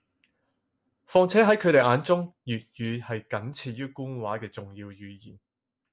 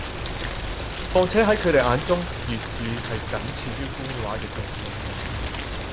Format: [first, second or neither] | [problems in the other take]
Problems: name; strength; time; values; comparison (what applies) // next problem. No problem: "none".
first | background sound (Rain); 4 dB below the speech